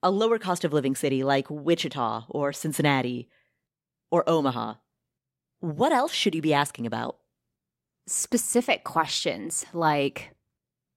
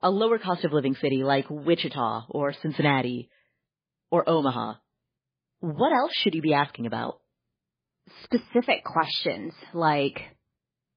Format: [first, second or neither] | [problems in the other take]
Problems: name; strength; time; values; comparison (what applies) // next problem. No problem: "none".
first | garbled, watery; badly; nothing above 4 kHz